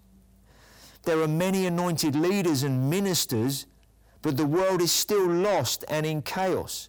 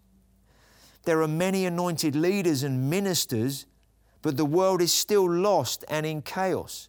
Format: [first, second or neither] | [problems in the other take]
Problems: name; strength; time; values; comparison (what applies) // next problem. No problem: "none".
second | distortion; slight; 10 dB below the speech